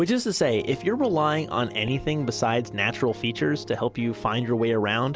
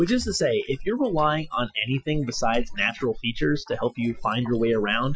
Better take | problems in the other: first | noise reduction (classical method Wiener filter)

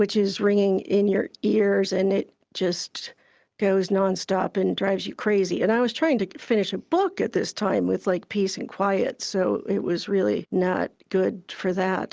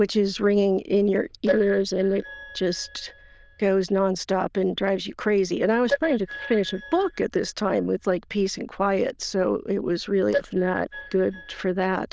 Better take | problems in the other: first | noise reduction (neural diffusion model UNIVERSE++)

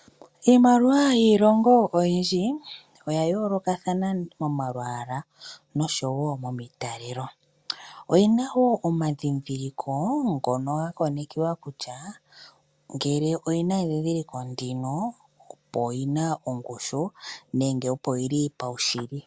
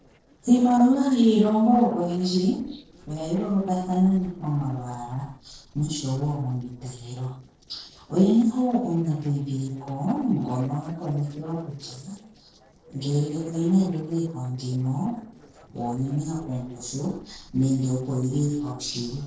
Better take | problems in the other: first | noise reduction (neural separator model SepFormer DNS4)

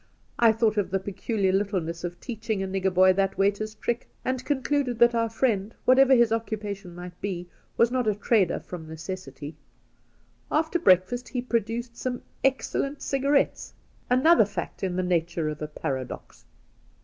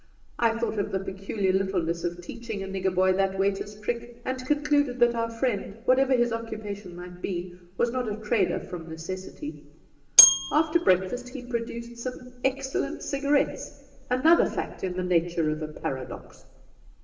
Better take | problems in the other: first | background sound (Bell); 4 dB above the speech // room echo; dies away in 1.2 s

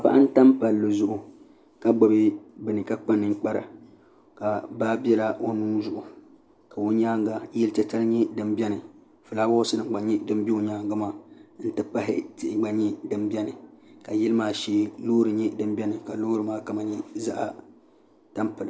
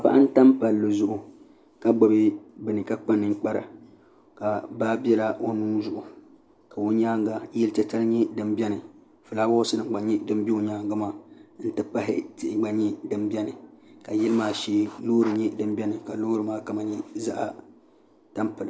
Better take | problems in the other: first | background sound (Writing); 18 dB below the speech

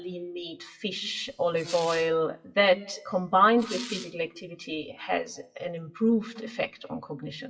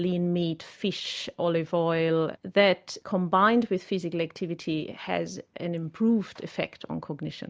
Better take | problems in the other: second | noise reduction (classical method WPE with log-MMSE)

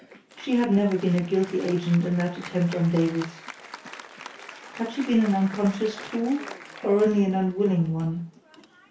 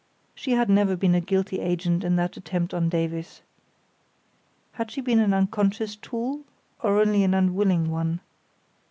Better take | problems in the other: second | background sound (Applause); 18 dB below the speech // room echo; dies away in 0.3 s

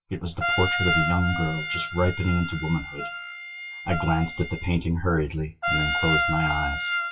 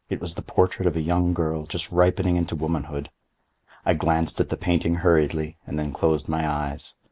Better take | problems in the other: second | noise reduction (classical method WPE with log-MMSE)

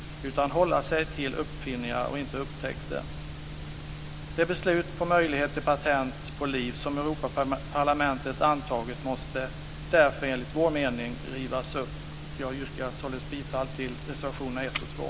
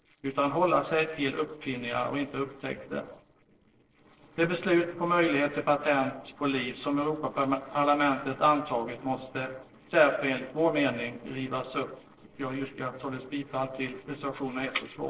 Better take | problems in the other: first | noise reduction (neural separator model SepFormer DNS4)

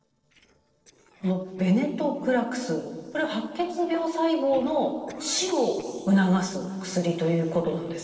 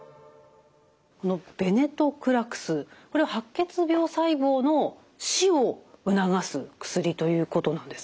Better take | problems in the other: second | noise reduction (neural separator model SepFormer DNS4)

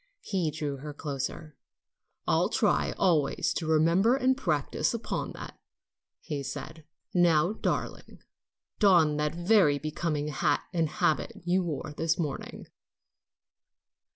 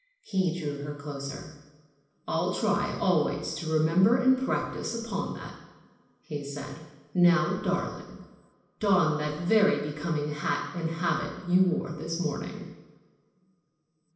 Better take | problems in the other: first | room echo; dies away in 0.9 s

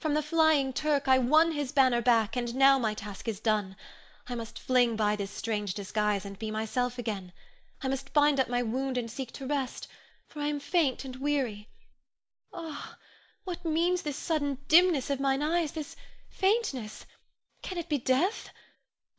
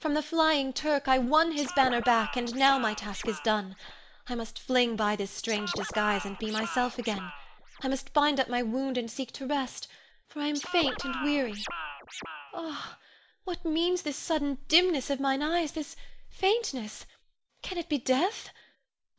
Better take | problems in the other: first | background sound (Scratching (performance technique)); 9 dB below the speech

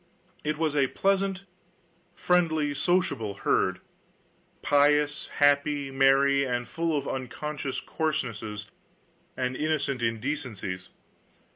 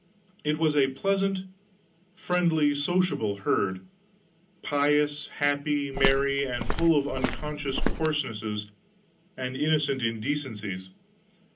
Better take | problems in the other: first | background sound (Walk, footsteps); as loud as the speech // room echo; dies away in 0.4 s

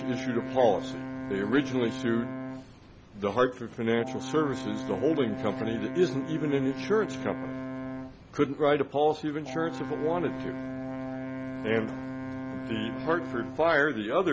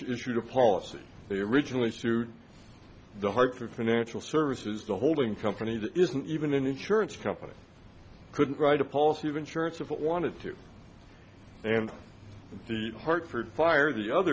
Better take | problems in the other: second | background sound (Brass instrument); 8 dB below the speech

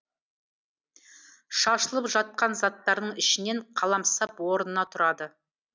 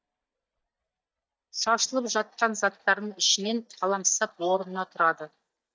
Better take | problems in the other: first | noise reduction (neural mask model DeepFilterNet 3)

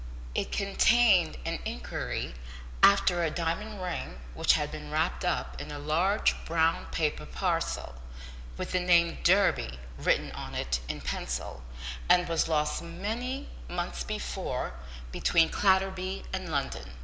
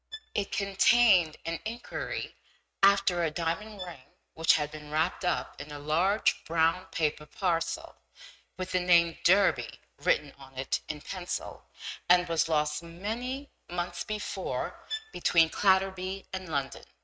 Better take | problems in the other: first | noise reduction (neural mask model RNNoise)

